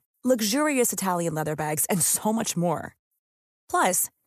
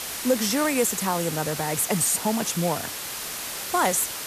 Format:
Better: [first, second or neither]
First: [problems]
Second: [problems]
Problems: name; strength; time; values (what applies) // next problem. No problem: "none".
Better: first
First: none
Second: hiss; loud; throughout; 6 dB below the speech